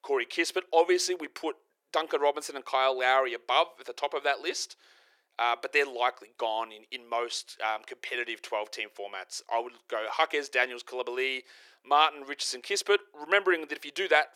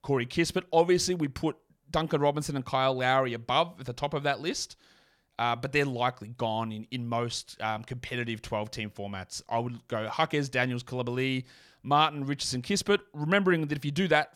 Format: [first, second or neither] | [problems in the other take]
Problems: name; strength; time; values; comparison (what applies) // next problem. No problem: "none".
second | thin; very; fading below 350 Hz